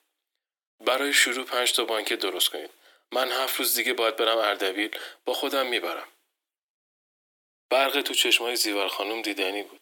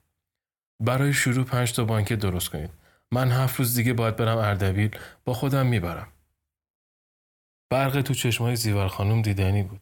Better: second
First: thin; very; fading below 300 Hz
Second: none

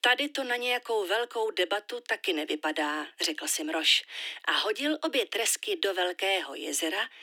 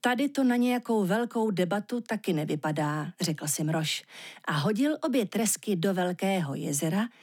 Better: second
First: thin; very; fading below 300 Hz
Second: none

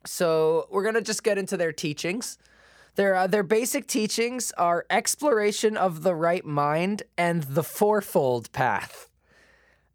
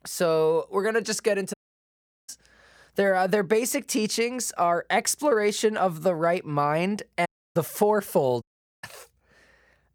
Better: first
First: none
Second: audio cutting out; at 1.5 s for 0.5 s, at 7.5 s and at 8.5 s

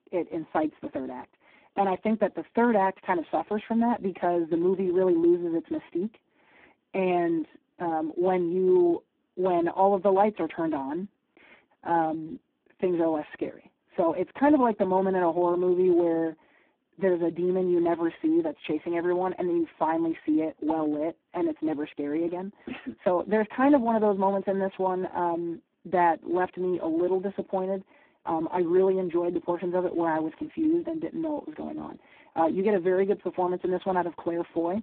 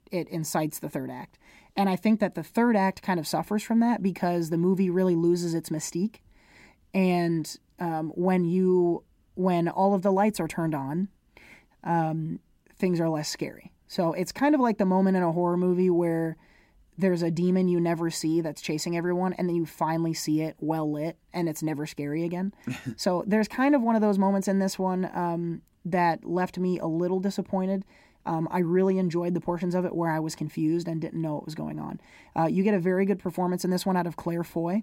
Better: second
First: phone-call audio; poor line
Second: none

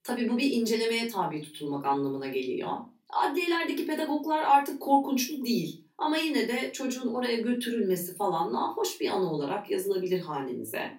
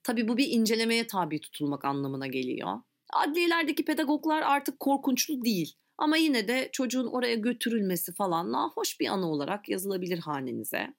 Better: second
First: off-mic speech; far // room echo; very slight; dies away in 0.2 s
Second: none

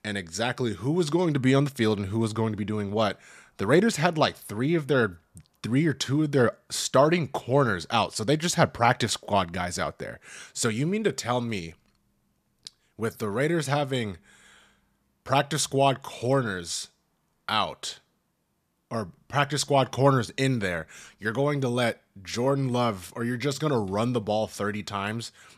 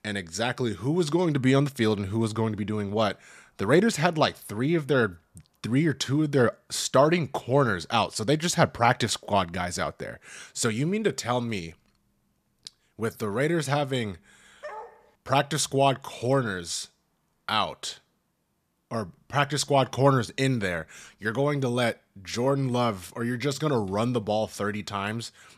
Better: first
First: none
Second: dog barking; faint; at 15 s; peak 15 dB below the speech

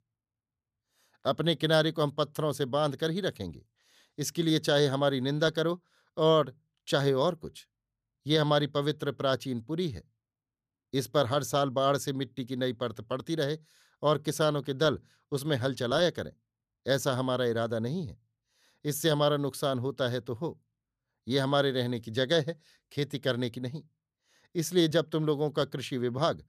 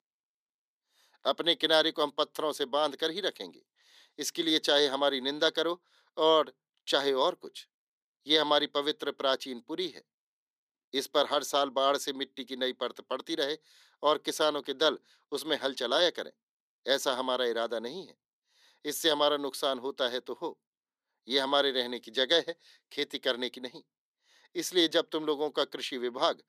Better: first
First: none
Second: thin; somewhat; fading below 300 Hz

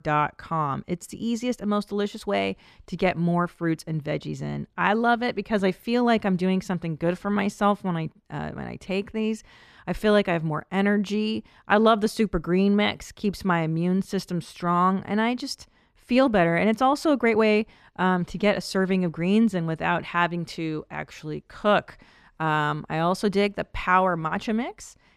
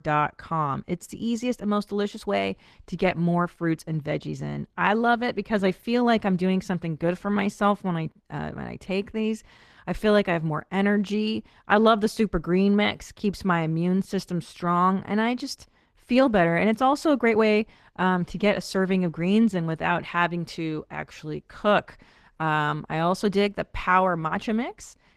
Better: first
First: none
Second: garbled, watery; slightly; nothing above 14 kHz

